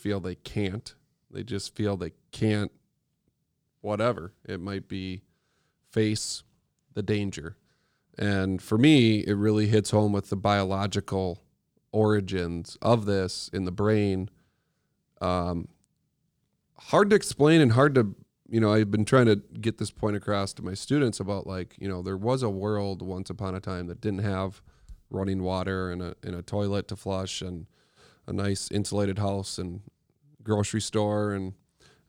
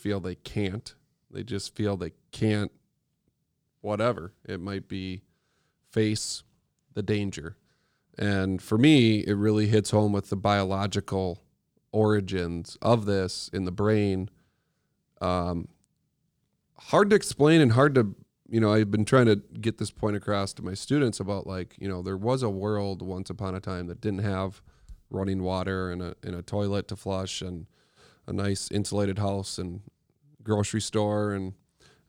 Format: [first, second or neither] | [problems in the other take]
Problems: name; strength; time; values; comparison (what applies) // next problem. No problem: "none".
neither | none